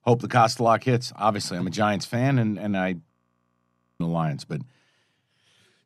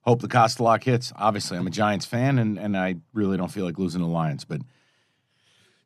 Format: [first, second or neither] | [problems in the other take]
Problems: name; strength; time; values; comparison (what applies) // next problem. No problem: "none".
second | audio freezing; at 3 s for 1 s